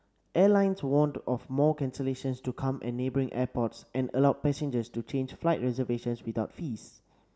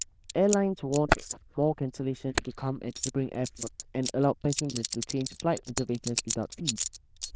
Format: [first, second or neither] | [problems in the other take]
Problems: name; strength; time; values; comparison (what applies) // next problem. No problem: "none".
first | noise reduction (neural diffusion model UNIVERSE++)